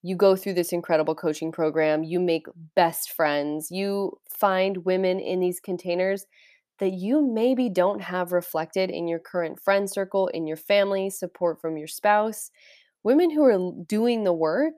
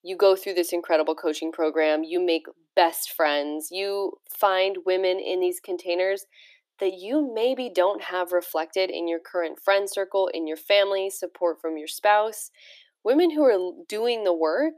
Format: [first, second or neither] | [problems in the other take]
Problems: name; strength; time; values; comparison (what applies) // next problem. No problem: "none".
first | thin; somewhat; fading below 300 Hz